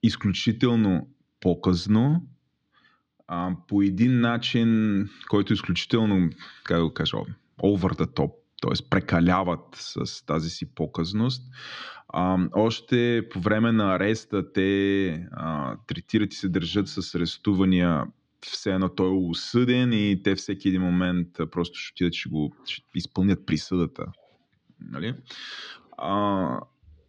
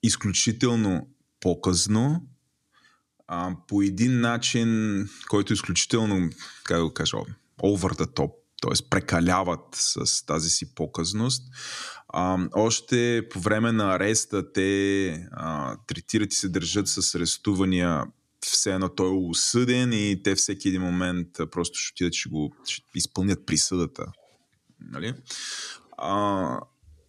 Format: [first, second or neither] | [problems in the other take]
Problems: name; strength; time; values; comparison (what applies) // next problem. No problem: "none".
second | muffled; slightly; fading above 3.5 kHz